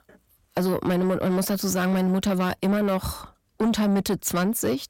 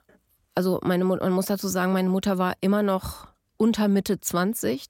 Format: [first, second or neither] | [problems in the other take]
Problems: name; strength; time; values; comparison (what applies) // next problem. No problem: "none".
second | distortion; slight; 10 dB below the speech